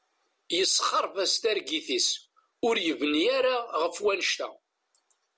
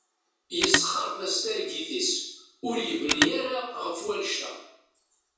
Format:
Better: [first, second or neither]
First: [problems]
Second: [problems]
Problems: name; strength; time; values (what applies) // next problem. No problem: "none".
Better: first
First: none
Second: background sound (Telephone); 3 dB below the speech // room echo; dies away in 0.6 s